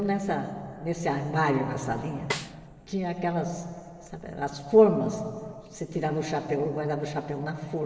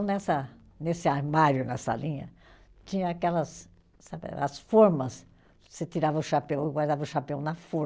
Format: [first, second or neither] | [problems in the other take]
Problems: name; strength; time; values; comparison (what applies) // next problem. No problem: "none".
second | background sound (Snare drum); 11 dB below the speech // room echo; dies away in 2.9 s